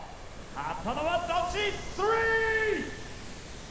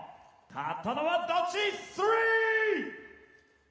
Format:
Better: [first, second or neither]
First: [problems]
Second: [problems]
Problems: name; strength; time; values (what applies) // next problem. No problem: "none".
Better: second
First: background sound (Ocean); 9 dB below the speech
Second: none